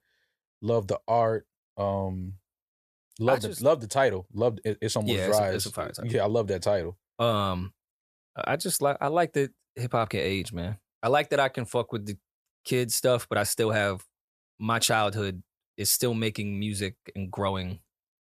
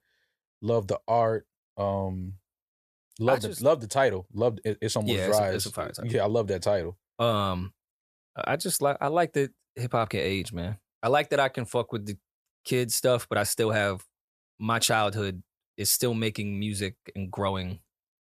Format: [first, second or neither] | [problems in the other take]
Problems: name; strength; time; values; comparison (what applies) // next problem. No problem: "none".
neither | none